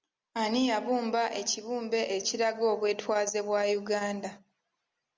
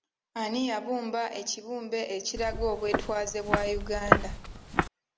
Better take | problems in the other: first | background sound (Walk, footsteps); 3 dB above the speech

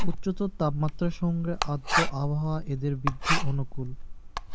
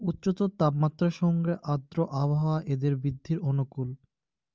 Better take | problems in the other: second | background sound (Writing); 1 dB above the speech

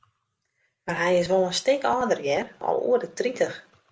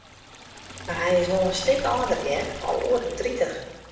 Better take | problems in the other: first | background sound (Liquid); 12 dB below the speech // room echo; dies away in 0.8 s

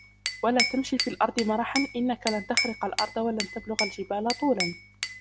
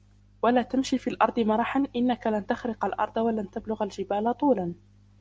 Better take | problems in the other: second | background sound (Glass / Bell); 4 dB below the speech

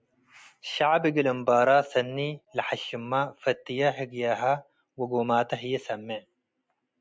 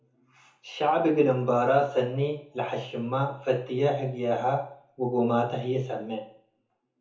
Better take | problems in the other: first | room echo; dies away in 0.6 s

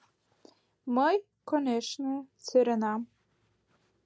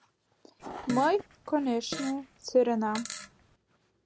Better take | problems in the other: first | background sound (Fart); 11 dB below the speech

